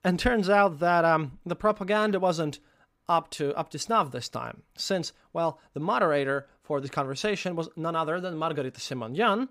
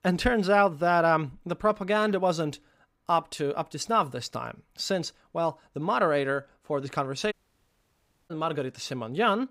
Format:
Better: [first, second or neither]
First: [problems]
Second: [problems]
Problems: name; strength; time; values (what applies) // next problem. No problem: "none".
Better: first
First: none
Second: audio cutting out; at 7.5 s for 1 s